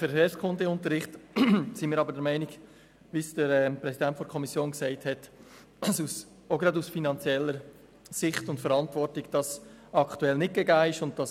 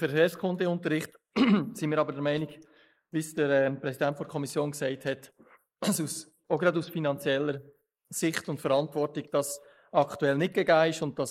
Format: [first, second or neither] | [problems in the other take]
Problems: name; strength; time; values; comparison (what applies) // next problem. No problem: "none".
first | noise reduction (neural mask model Resemble Enhance denoiser)